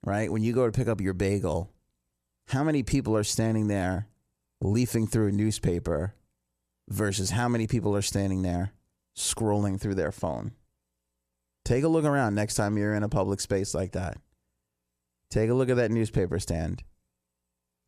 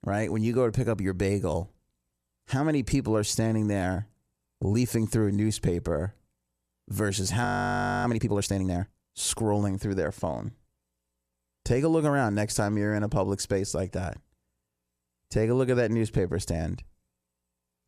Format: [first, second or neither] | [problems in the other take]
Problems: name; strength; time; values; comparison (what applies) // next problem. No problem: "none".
first | audio freezing; at 7.5 s for 0.5 s